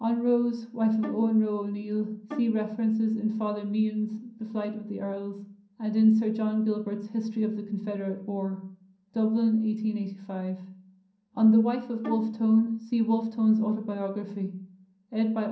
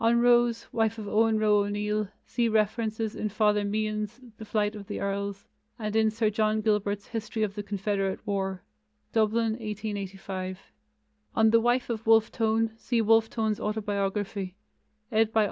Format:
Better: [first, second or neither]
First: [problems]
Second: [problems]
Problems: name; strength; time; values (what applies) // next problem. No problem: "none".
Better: second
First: background sound (Bowed string instrument); 13 dB below the speech // room echo; dies away in 0.6 s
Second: none